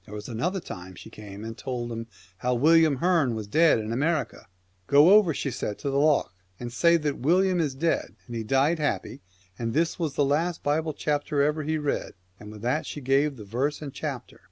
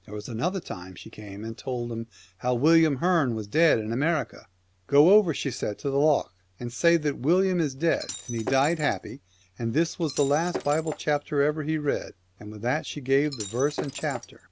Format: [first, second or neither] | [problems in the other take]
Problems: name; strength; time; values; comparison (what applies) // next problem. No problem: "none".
first | background sound (Shatter); 12 dB below the speech